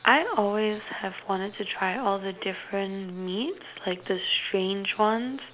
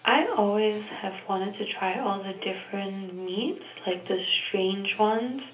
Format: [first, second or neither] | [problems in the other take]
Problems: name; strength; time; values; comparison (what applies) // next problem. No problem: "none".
first | room echo; dies away in 0.3 s